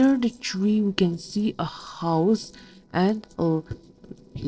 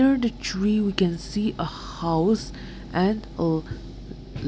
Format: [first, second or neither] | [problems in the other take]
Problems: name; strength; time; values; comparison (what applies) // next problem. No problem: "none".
second | noise reduction (neural separator model SepFormer DNS4)